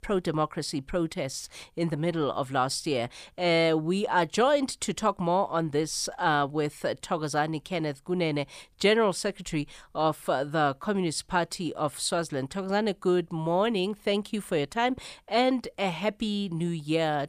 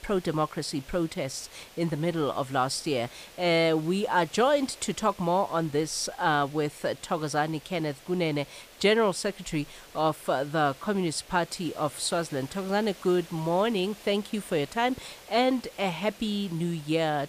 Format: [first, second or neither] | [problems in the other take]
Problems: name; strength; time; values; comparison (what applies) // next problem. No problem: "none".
first | hiss; faint; throughout; 20 dB below the speech